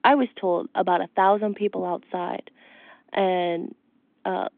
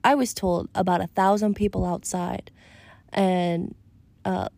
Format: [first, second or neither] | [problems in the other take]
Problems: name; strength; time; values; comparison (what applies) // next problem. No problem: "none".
second | phone-call audio